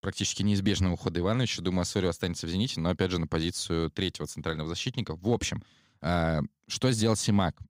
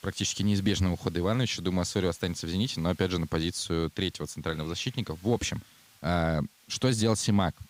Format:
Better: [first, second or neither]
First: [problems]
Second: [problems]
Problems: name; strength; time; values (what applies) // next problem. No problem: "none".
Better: first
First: none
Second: hiss; faint; throughout; 25 dB below the speech